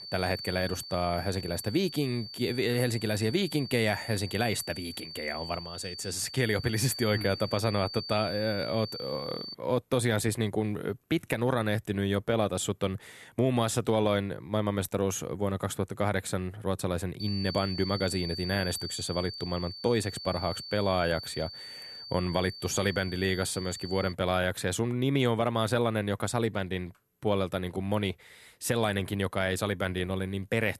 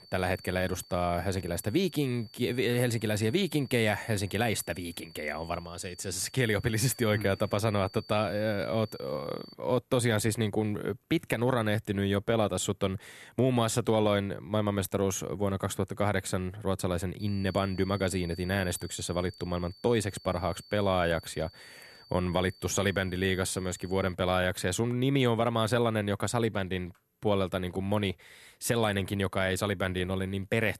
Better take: second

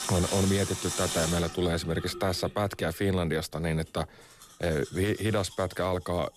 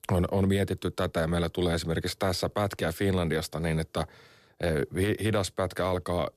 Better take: second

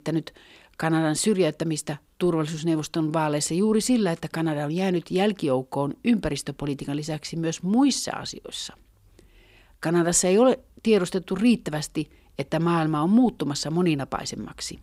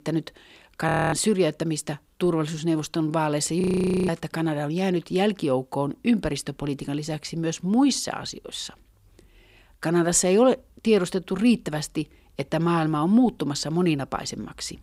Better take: first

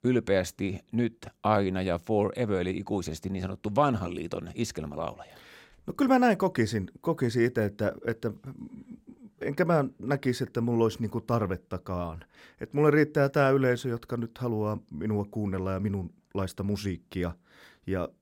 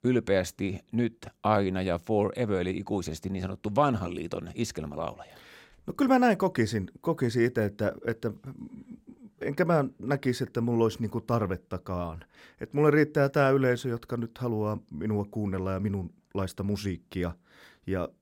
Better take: neither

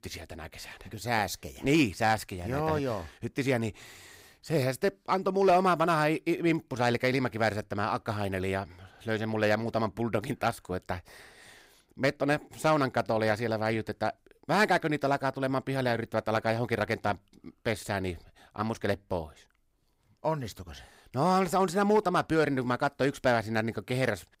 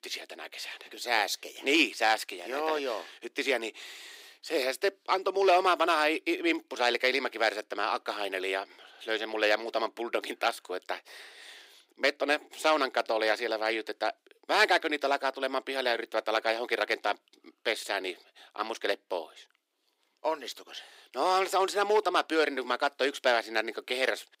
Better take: first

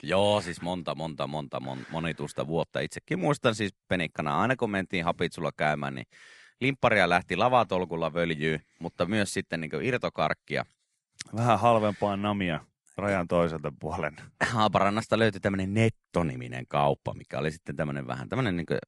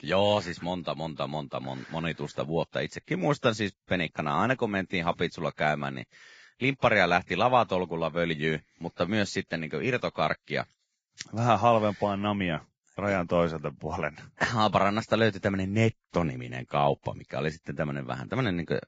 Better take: first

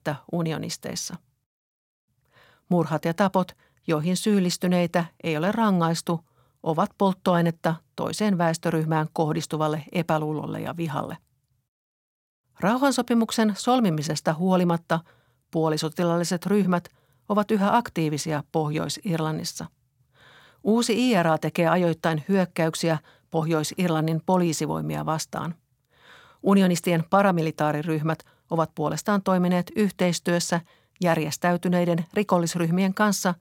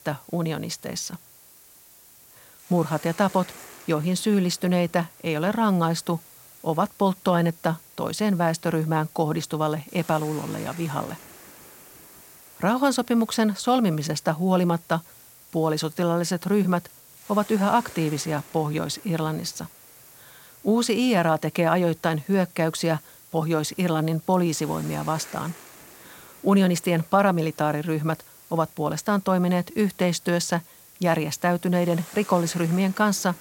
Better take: first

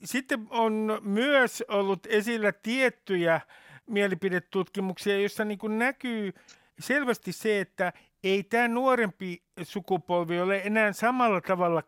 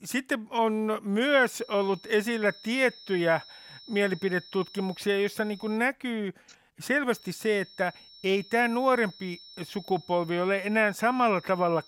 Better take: first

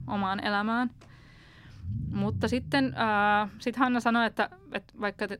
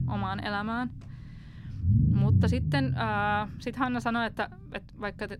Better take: first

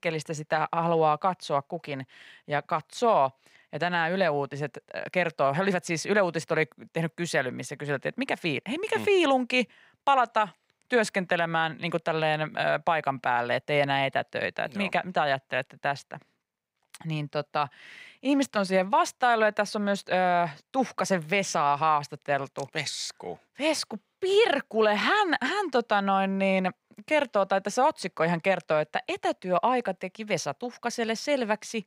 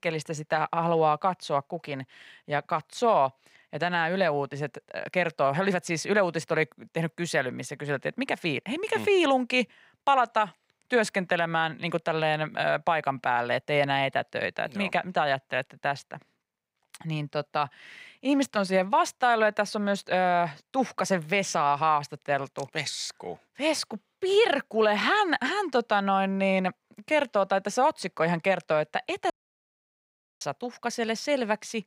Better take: first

